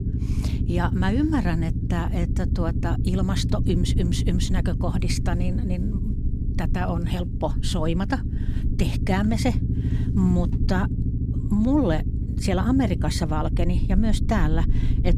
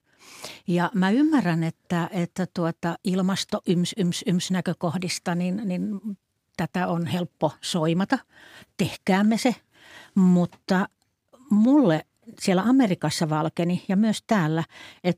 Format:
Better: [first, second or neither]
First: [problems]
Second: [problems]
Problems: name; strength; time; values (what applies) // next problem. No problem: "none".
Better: second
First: low rumble; loud; throughout; 8 dB below the speech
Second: none